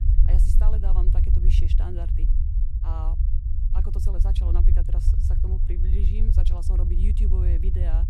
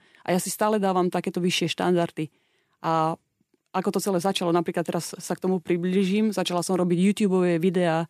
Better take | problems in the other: second | low rumble; loud; throughout; 1 dB below the speech

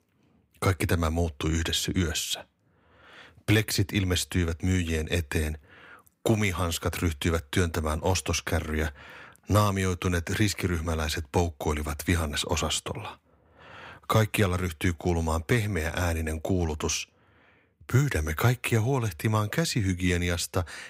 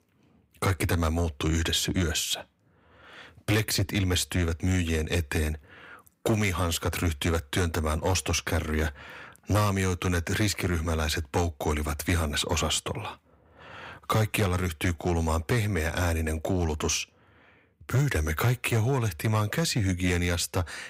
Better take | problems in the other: first | distortion; slight; 10 dB below the speech

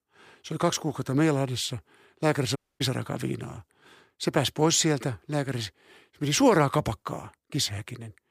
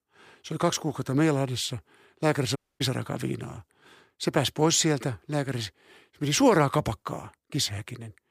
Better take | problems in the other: neither | audio cutting out; at 2.5 s; the same in both

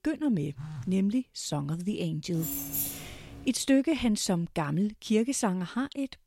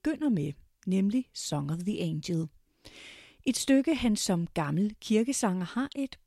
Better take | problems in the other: second | phone ringing; faint; at 0.5 s; peak 10 dB below the speech // jangling keys; noticeable; from 2.5 to 3.5 s; peak 1 dB below the speech

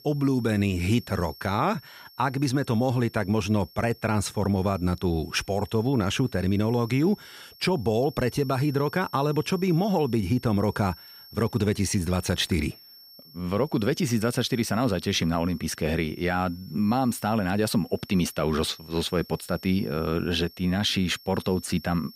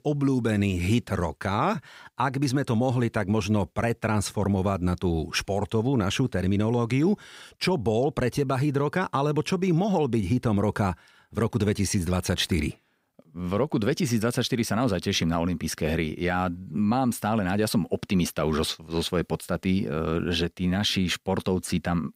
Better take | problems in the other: second | high-pitched whine; faint; throughout; 5.5 kHz, 20 dB below the speech

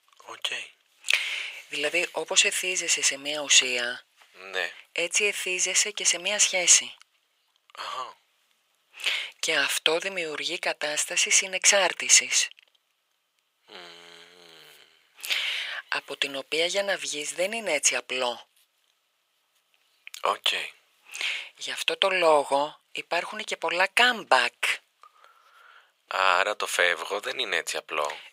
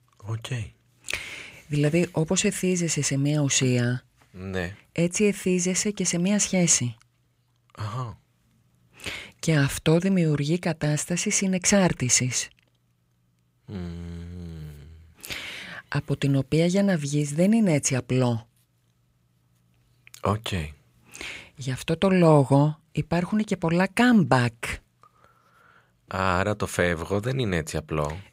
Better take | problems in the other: second | thin; very; fading below 600 Hz

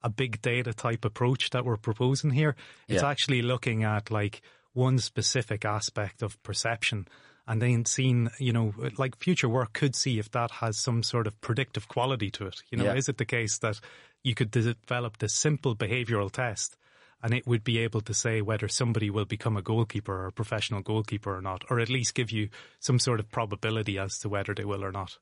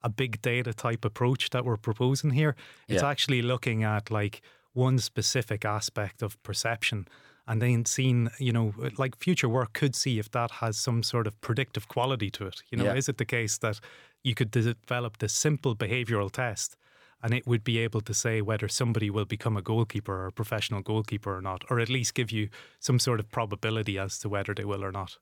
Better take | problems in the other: second | garbled, watery; slightly; nothing above 10.5 kHz

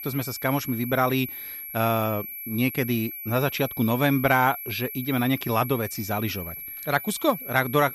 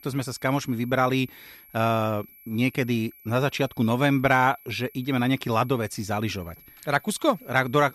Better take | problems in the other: second | high-pitched whine; loud; throughout; 11.5 kHz, 9 dB below the speech; faint in the second

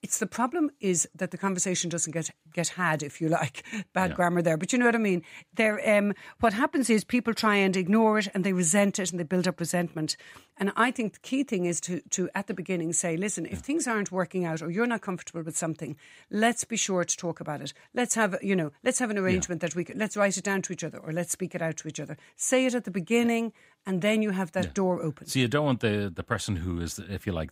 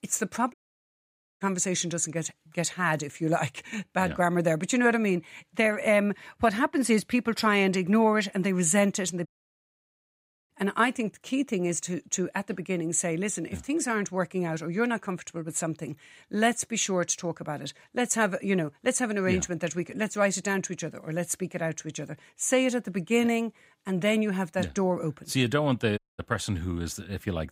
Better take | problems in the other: first | audio cutting out; at 0.5 s for 1 s, at 9.5 s for 1 s and at 26 s

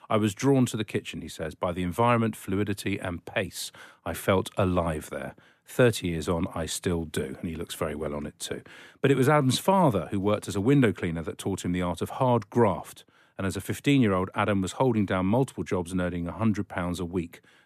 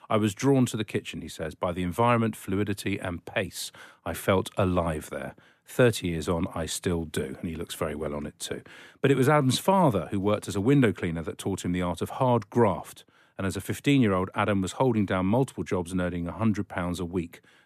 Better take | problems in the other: neither | none

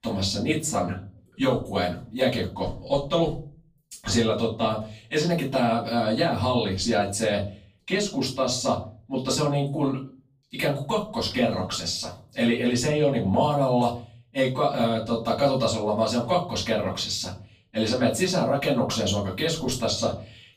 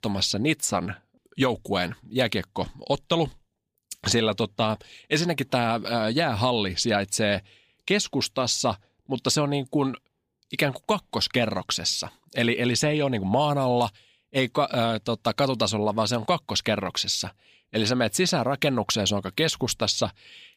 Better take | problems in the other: second | room echo; slight; dies away in 0.3 s // off-mic speech; far

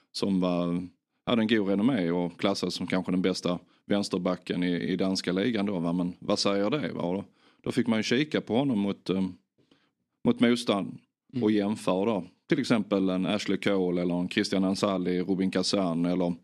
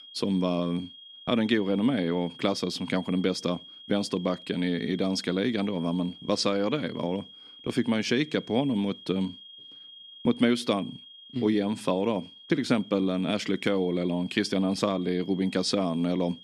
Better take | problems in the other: first | high-pitched whine; noticeable; throughout; 3.5 kHz, 20 dB below the speech

